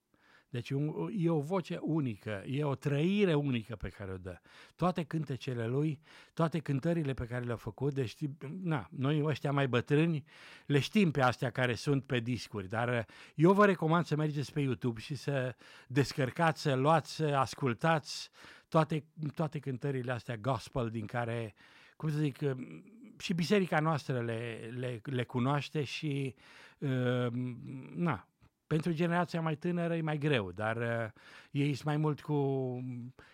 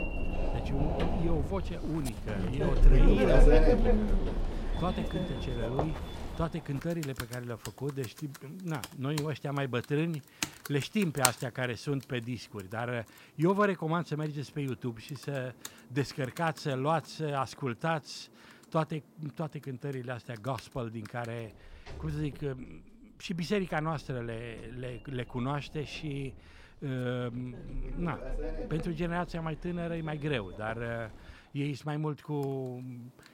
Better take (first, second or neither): first